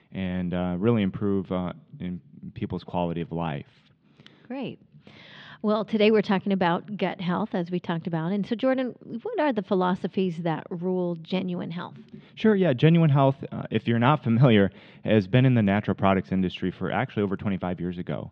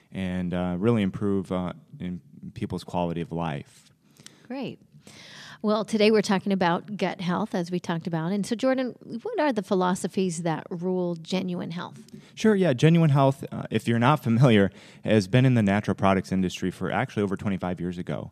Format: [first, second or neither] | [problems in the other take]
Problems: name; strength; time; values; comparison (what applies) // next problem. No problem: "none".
second | muffled; slightly; fading above 3.5 kHz